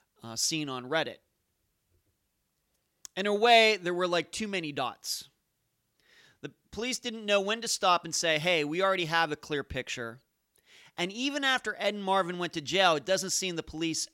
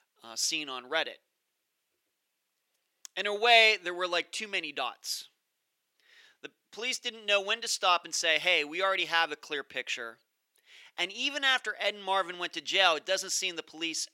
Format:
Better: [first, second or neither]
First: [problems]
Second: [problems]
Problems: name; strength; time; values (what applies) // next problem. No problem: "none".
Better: first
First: none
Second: thin; somewhat; fading below 400 Hz